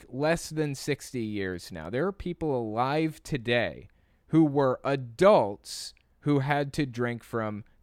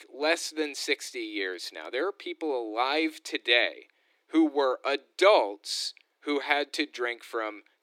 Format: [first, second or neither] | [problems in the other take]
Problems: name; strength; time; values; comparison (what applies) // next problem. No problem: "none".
first | thin; somewhat; fading below 300 Hz